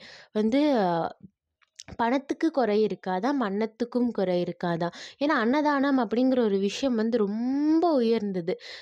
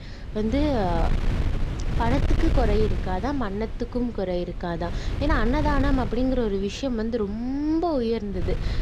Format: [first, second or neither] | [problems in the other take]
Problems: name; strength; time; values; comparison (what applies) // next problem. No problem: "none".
first | wind noise on the microphone; occasional gusts; 10 dB below the speech